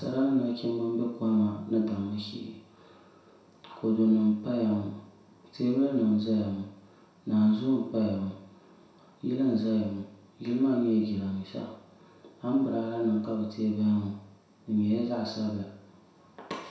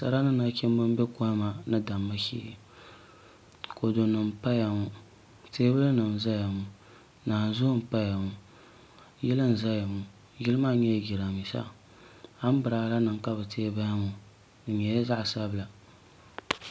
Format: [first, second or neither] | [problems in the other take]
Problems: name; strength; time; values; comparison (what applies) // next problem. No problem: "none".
second | room echo; dies away in 0.7 s